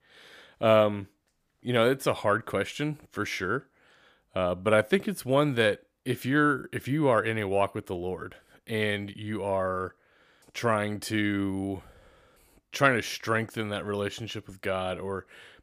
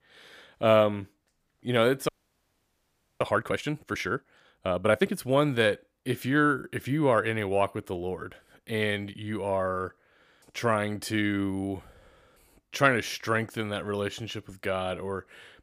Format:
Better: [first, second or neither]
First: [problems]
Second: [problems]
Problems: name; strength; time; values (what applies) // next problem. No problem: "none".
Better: first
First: none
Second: audio freezing; at 2 s for 1 s